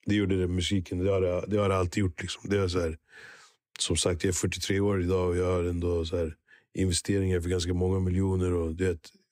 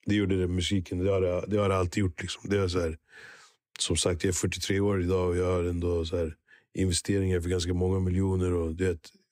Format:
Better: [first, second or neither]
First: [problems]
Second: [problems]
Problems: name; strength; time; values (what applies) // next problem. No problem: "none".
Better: neither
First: none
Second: none